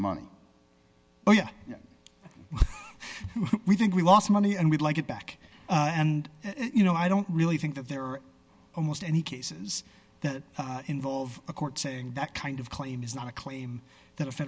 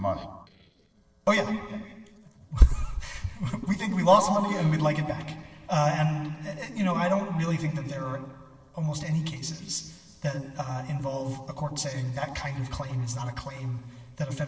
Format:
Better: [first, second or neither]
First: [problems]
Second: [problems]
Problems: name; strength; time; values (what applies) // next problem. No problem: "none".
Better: first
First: none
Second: noise reduction (neural separator model SepFormer DNS4)